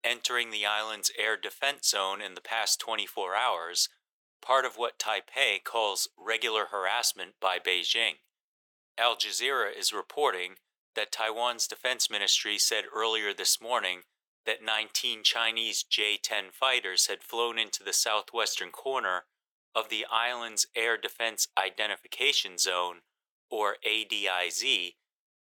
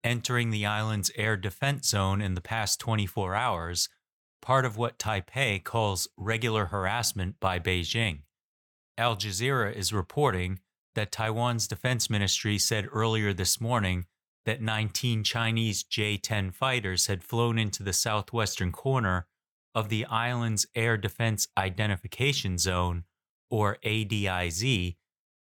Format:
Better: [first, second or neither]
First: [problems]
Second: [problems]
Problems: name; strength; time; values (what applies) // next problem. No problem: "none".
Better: second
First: thin; very; fading below 400 Hz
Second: none